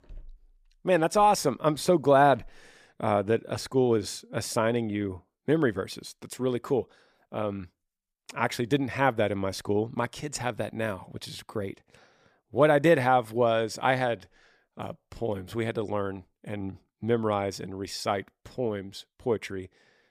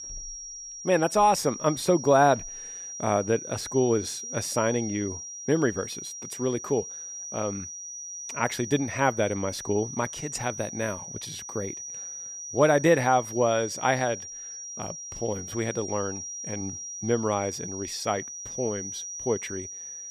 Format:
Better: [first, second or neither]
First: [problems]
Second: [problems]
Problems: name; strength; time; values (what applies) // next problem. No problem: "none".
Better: first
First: none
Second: high-pitched whine; loud; throughout; 6 kHz, 9 dB below the speech